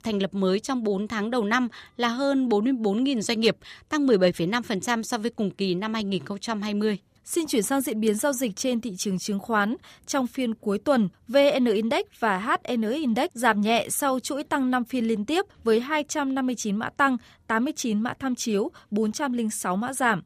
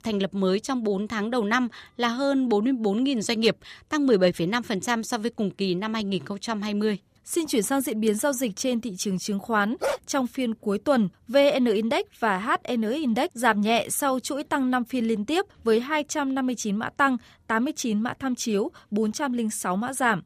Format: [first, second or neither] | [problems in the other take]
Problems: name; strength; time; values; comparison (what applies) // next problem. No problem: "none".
first | dog barking; noticeable; at 10 s; peak 4 dB below the speech